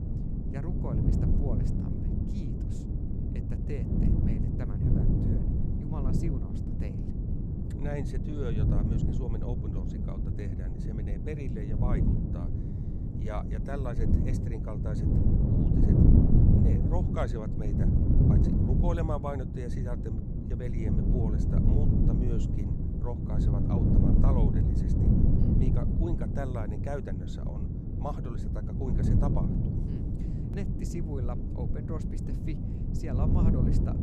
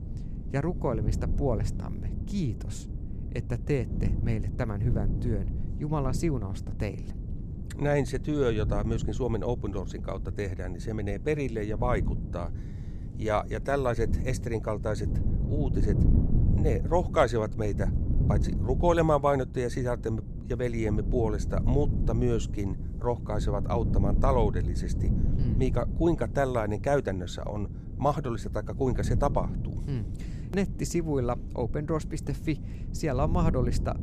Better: second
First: wind noise on the microphone; heavy; 3 dB above the speech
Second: wind noise on the microphone; occasional gusts; 15 dB below the speech

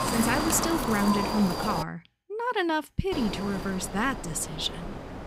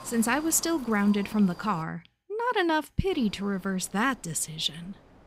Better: second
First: wind noise on the microphone; heavy; until 2 s and from 3 s on; 2 dB below the speech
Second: wind noise on the microphone; occasional gusts; until 2 s and from 3 s on; 20 dB below the speech

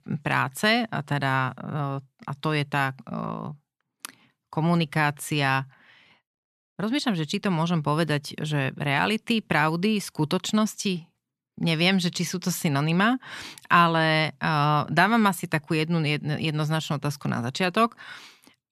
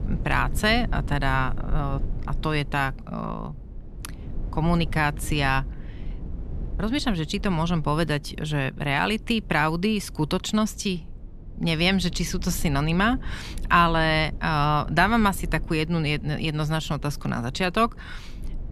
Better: first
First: none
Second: low rumble; faint; throughout; 25 dB below the speech

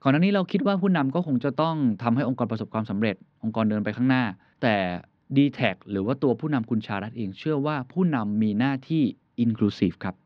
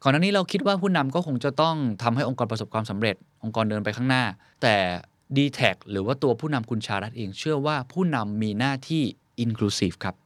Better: second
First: muffled; slightly; fading above 3.5 kHz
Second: none

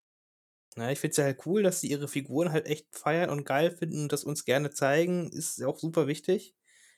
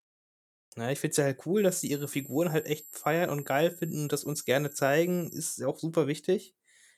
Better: first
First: none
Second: high-pitched whine; noticeable; from 1.5 to 5.5 s; 12 kHz, 15 dB below the speech

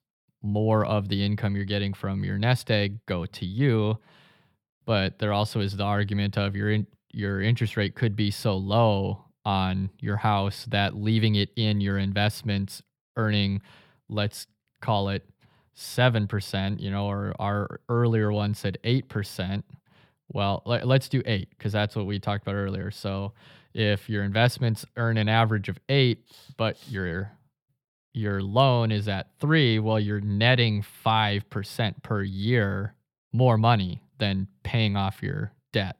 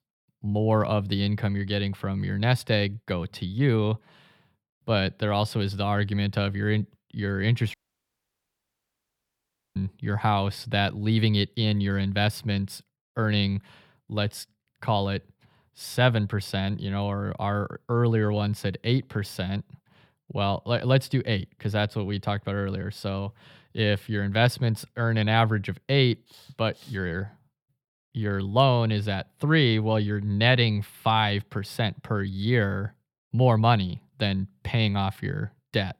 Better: first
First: none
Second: audio cutting out; at 7.5 s for 2 s

